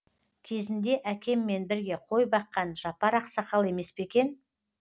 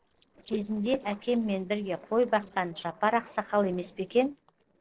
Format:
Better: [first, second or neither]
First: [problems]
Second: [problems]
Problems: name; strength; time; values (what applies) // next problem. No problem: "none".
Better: first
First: none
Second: noise reduction (neural separator model SepFormer DNS4)